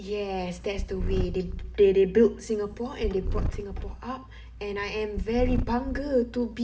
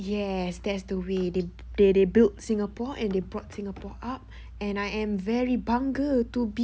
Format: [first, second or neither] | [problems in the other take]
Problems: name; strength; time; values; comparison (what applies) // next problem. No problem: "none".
second | background sound (Purr); 6 dB below the speech // room echo; dies away in 0.6 s